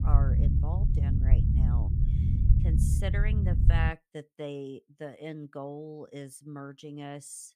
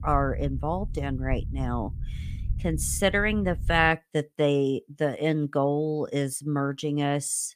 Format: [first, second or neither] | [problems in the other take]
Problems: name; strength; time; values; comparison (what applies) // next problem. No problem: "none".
second | low rumble; loud; until 4 s; 1 dB below the speech; faint in the second